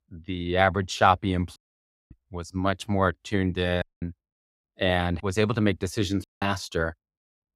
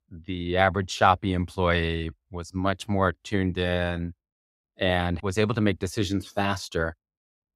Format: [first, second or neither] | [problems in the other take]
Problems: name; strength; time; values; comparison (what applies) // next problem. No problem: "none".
second | audio cutting out; at 1.5 s for 0.5 s, at 4 s and at 6 s